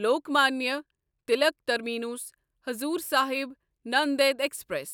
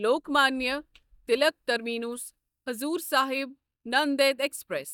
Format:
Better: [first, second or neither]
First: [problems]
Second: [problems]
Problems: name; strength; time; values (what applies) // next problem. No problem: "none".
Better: first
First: none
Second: noise reduction (neural mask model DeepFilterNet 3)